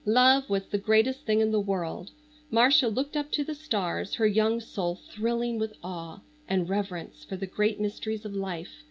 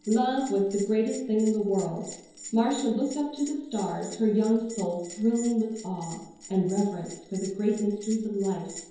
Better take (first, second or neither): first